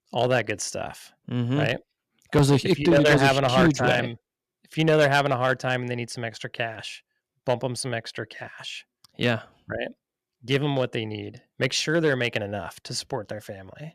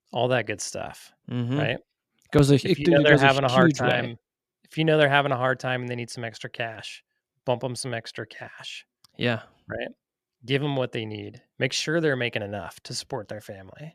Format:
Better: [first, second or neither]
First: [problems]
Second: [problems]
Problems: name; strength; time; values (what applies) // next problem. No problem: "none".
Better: second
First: distortion; slight; 1.9% of the sound clipped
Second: none